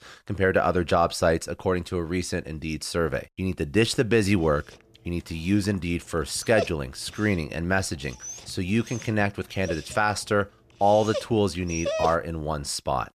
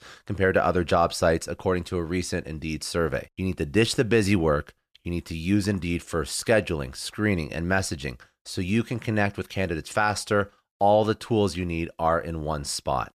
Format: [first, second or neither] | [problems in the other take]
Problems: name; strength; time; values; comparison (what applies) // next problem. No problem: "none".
second | dog barking; noticeable; from 6.5 to 12 s; peak 3 dB below the speech